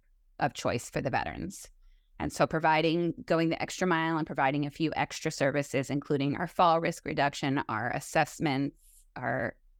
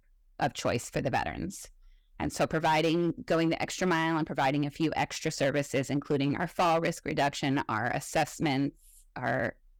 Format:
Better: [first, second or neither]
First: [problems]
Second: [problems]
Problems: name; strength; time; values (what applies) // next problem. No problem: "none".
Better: first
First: none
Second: distortion; slight; 5% of the sound clipped